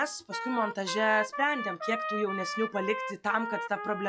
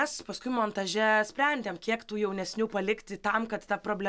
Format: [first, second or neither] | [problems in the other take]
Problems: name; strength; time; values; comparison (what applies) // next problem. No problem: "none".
second | noise reduction (classical method log-MMSE)